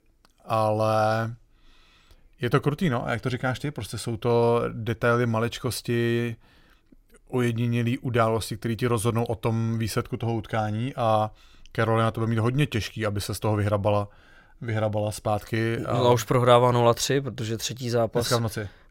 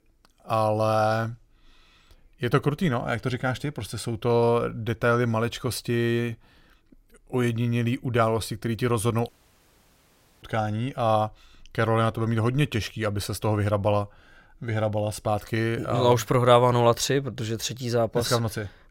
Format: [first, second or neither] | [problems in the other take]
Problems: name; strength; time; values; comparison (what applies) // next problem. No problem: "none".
first | audio cutting out; at 9.5 s for 1 s